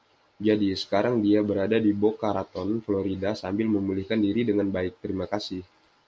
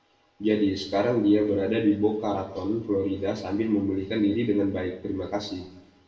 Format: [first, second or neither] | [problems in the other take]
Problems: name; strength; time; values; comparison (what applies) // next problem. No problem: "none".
first | room echo; dies away in 0.8 s